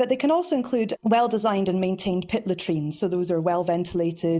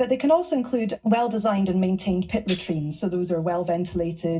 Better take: first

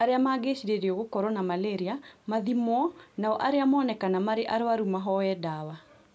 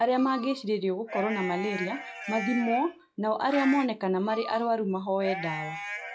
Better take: first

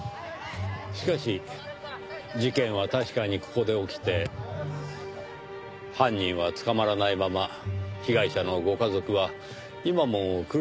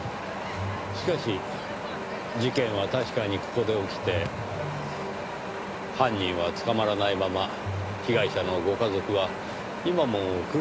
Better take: first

